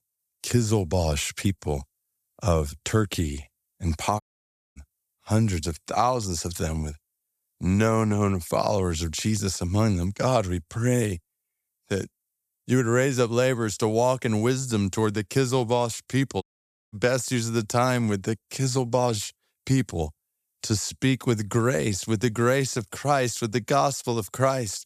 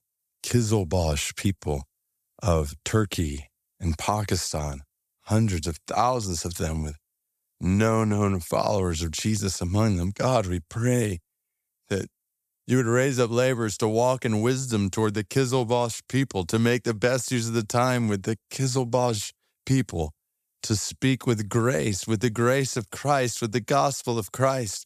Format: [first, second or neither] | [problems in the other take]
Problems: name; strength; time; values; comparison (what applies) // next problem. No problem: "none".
second | audio cutting out; at 4 s for 0.5 s and at 16 s for 0.5 s